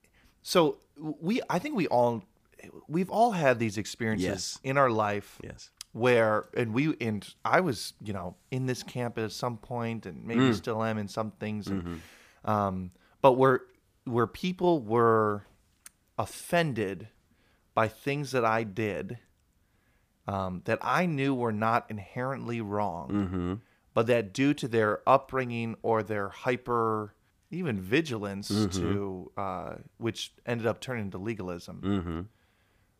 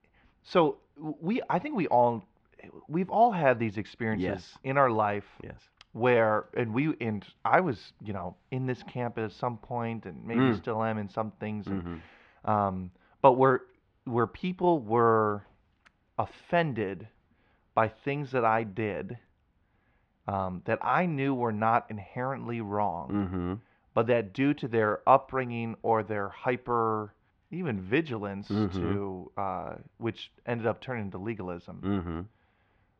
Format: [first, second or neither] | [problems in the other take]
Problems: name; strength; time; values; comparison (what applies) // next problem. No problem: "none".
first | muffled; very; fading above 3 kHz